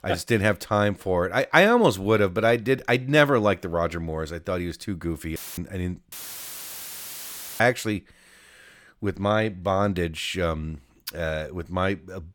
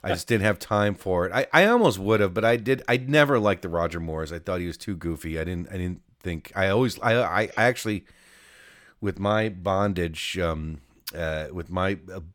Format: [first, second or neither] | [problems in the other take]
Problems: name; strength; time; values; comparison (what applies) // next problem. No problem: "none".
second | audio cutting out; filled with static; at 5.5 s and at 6 s for 1.5 s